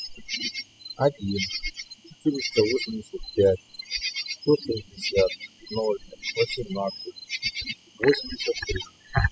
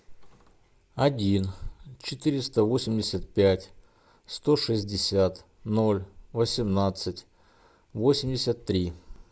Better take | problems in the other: second | noise reduction (classical method spectral subtraction)

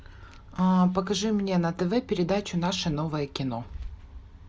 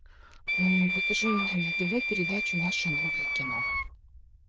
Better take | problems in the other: first | noise reduction (neural diffusion model UNIVERSE++)

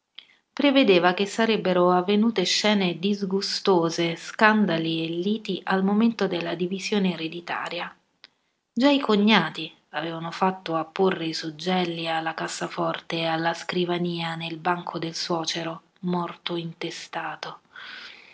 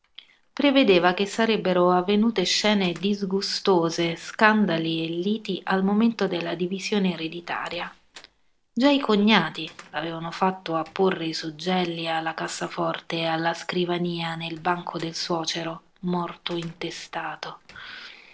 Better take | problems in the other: first | noise reduction (neural separator model SepFormer DNS4)

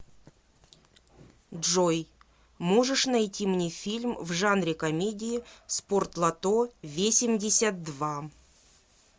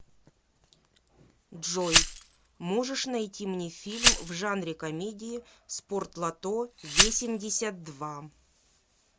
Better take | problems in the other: first | background sound (Glass); 4 dB above the speech

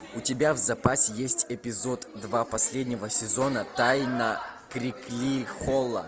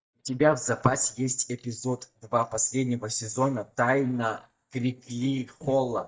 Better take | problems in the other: first | noise reduction (neural mask model DeepFilterNet 3)

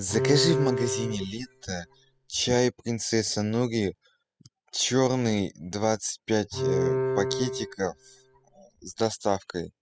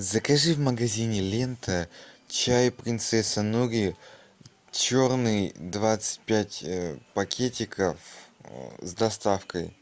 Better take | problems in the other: second | noise reduction (classical method spectral subtraction)

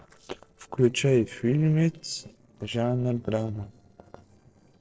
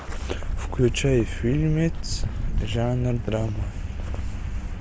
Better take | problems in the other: second | noise reduction (neural separator model SepFormer DNS4)

